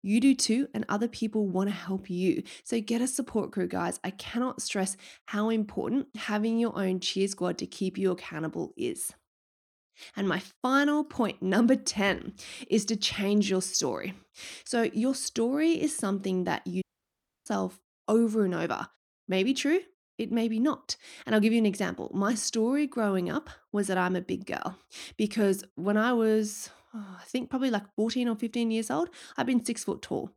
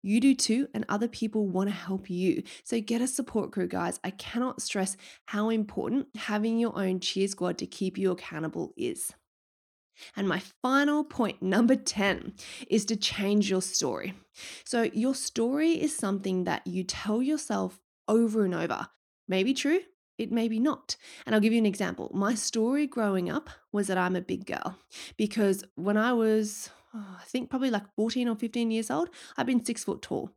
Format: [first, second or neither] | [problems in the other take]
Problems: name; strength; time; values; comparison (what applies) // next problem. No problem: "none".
second | audio cutting out; at 17 s for 0.5 s